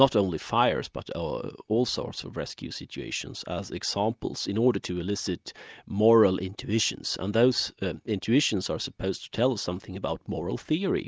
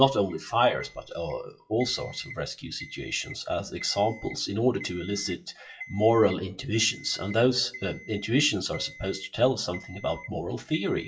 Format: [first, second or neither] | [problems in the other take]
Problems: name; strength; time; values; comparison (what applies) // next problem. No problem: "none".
first | noise reduction (classical method WPE with log-MMSE)